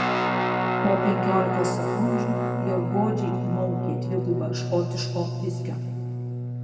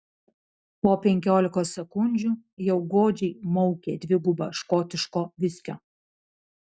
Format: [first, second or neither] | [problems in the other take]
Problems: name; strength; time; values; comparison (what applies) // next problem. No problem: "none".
second | background sound (Guitar); 2 dB above the speech // room echo; dies away in 2.1 s